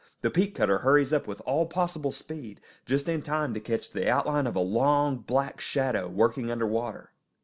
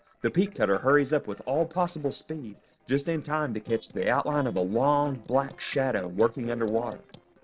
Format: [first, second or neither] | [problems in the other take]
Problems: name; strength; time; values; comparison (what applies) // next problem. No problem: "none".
first | noise reduction (neural separator model SepFormer DNS4)